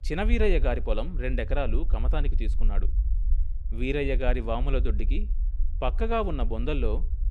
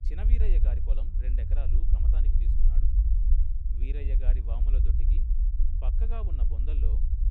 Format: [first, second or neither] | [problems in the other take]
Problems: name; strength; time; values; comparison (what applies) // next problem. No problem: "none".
first | low rumble; loud; throughout; 2 dB below the speech; faint in the first